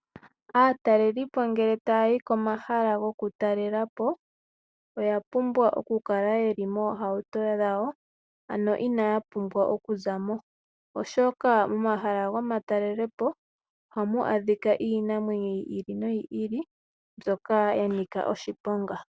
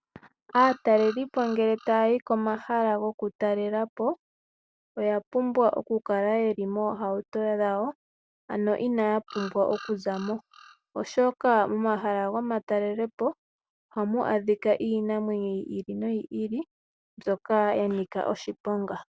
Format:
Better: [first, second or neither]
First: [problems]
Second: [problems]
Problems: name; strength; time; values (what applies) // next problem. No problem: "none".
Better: first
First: none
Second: background sound (Bird vocalization, bird call, bird song); 18 dB below the speech